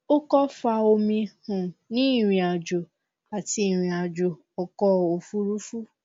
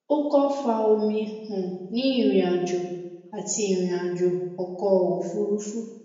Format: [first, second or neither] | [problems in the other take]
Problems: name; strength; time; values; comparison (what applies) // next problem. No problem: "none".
first | room echo; dies away in 0.9 s